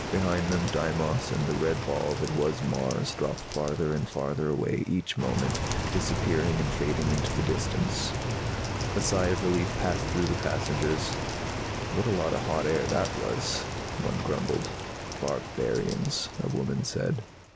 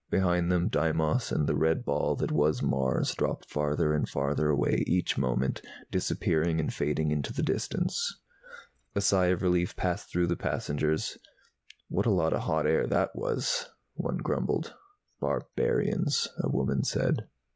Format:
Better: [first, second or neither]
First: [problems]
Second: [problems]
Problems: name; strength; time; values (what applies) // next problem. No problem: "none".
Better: second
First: background sound (Rain); 3 dB below the speech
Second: none